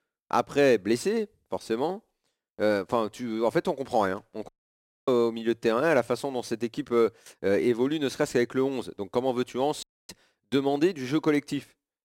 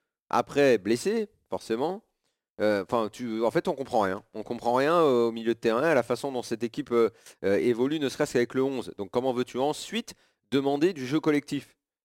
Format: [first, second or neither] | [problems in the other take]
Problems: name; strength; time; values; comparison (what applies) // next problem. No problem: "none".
second | audio cutting out; at 4.5 s for 0.5 s and at 10 s